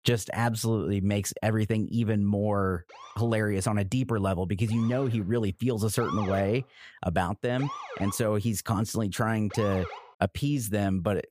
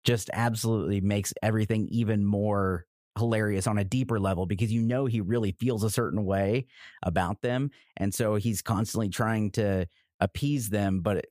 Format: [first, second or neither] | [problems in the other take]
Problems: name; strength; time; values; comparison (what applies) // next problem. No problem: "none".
second | siren; noticeable; from 3 to 10 s; peak 7 dB below the speech